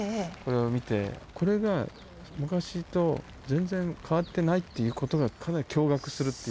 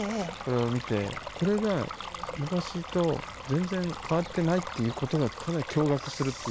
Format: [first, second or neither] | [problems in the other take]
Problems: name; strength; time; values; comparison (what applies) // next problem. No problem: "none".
first | background sound (Stream); 11 dB below the speech